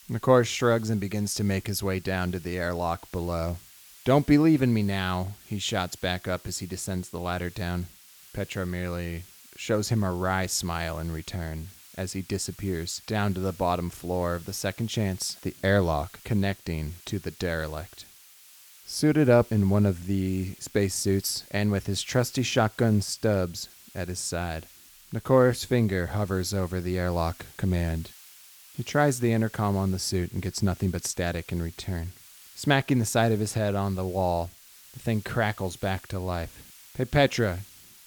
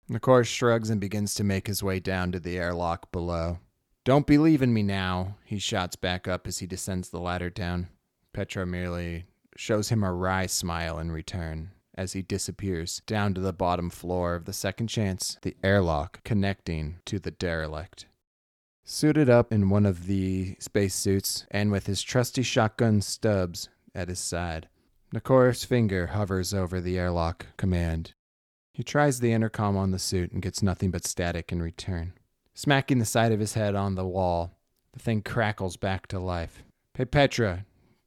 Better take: second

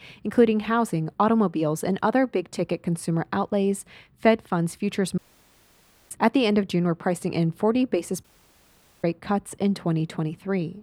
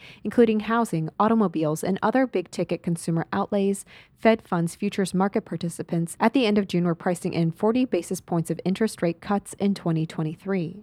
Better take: second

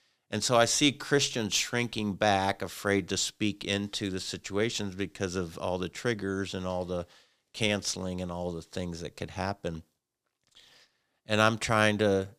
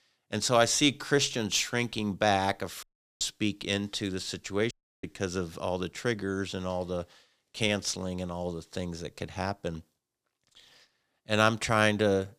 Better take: first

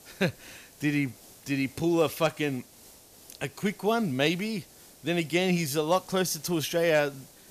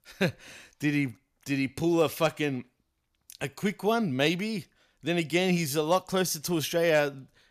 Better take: second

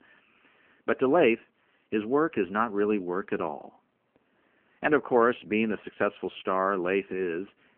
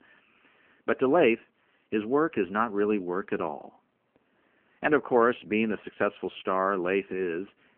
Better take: neither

